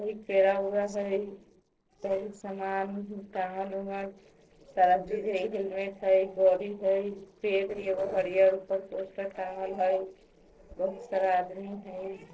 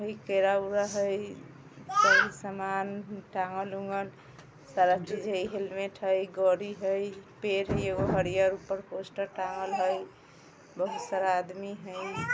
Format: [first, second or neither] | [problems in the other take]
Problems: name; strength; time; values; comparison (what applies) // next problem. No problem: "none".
second | noise reduction (neural separator model SepFormer DNS4)